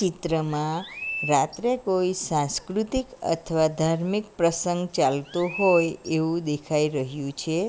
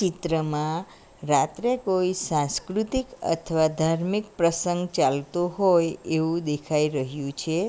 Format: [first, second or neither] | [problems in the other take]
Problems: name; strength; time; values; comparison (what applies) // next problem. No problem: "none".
second | background sound (Chirp, tweet); 11 dB below the speech